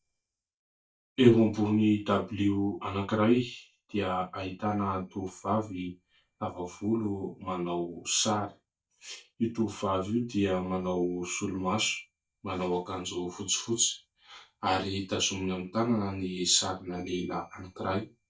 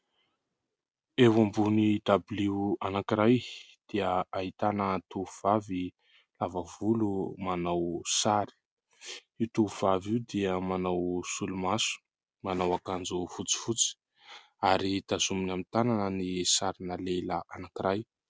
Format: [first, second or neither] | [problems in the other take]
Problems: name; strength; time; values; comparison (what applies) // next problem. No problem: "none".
second | noise reduction (neural mask model DeepFilterNet 3)